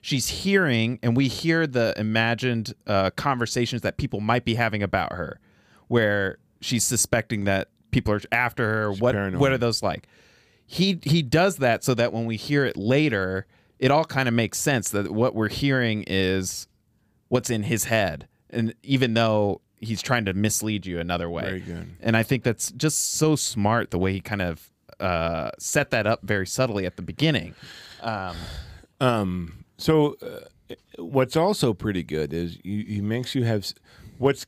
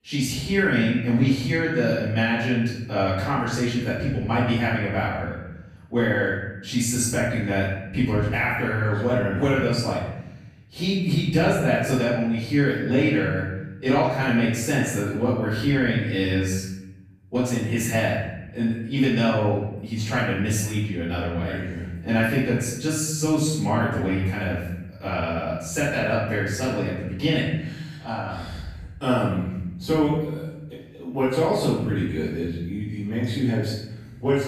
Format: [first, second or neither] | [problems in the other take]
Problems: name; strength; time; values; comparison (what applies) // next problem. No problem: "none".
first | off-mic speech; far // room echo; strong; dies away in 1 s